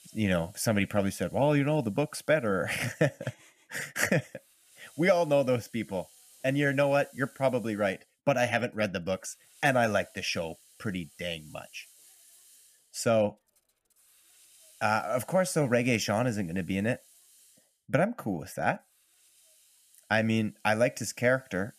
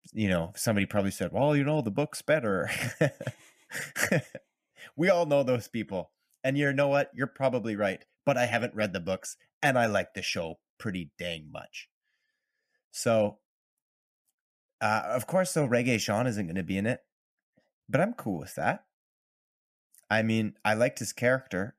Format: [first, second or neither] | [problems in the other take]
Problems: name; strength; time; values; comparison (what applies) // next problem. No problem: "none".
second | hiss; faint; throughout; 25 dB below the speech